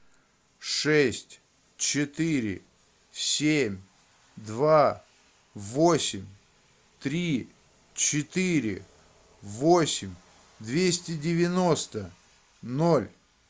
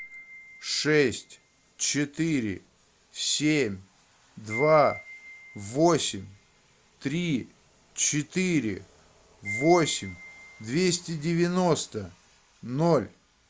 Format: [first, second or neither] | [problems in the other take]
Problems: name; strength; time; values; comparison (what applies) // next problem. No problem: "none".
first | background sound (Wind chime); 17 dB below the speech